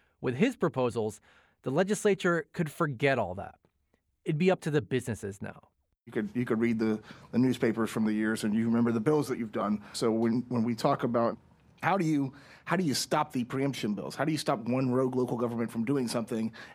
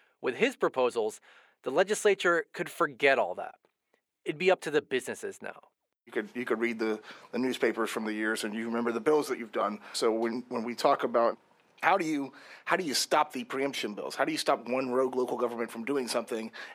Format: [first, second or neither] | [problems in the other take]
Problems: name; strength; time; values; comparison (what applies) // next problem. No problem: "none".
first | thin; somewhat; fading below 450 Hz